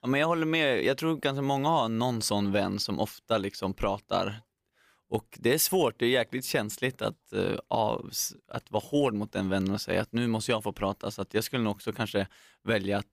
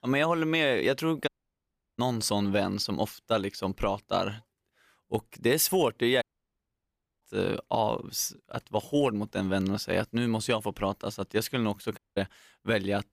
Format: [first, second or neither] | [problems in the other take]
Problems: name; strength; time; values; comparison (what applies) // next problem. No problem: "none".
first | audio cutting out; at 1.5 s for 0.5 s, at 6 s for 1 s and at 12 s